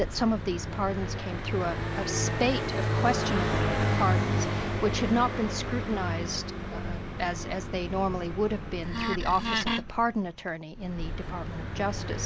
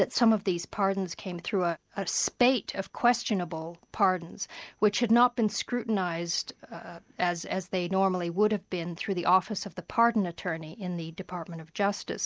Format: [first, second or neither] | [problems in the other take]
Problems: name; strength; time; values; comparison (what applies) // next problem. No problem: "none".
second | background sound (Car passing by + Wood); as loud as the speech